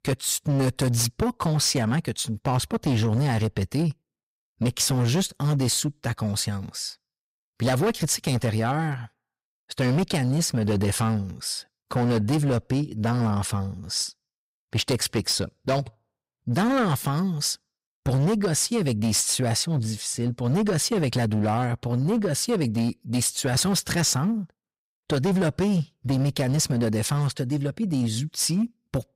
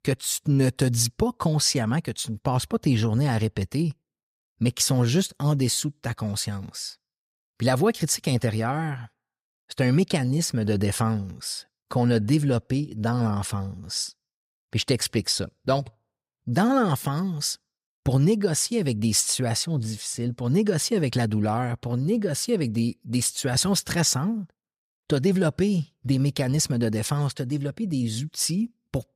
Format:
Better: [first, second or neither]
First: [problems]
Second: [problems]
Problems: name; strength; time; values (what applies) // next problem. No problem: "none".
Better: second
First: distortion; slight; 12% of the sound clipped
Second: none